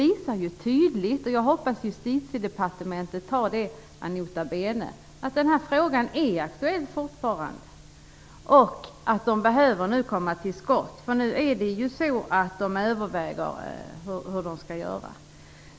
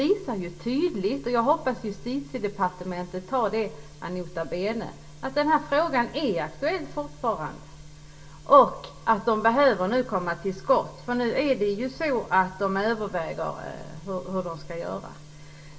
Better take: first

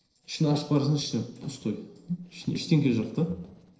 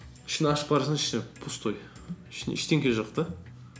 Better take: second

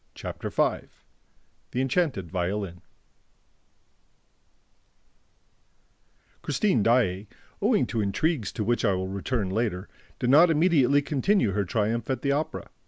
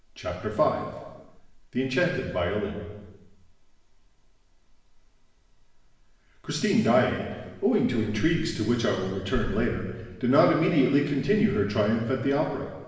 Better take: first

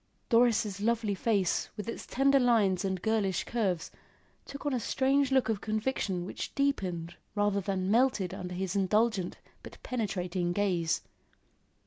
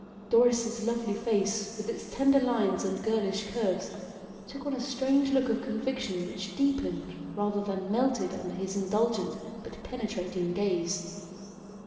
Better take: first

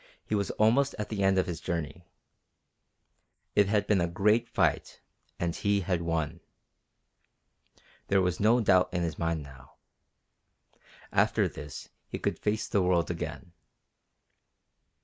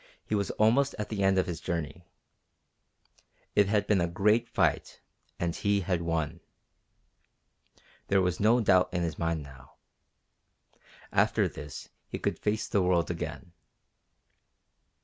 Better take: second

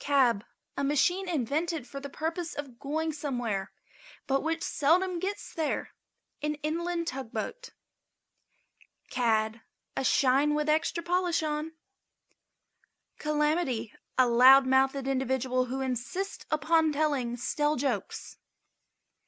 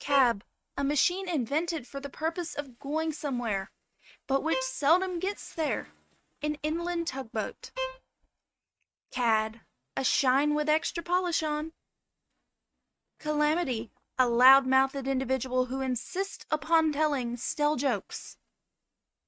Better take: first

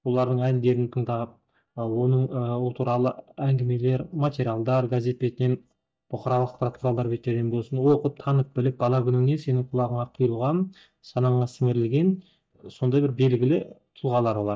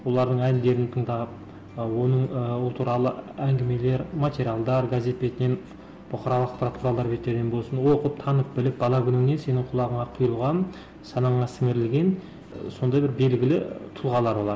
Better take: second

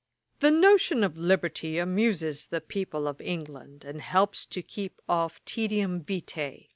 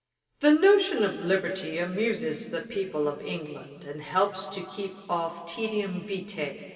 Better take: first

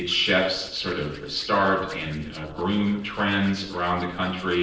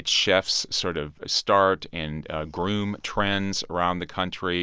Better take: second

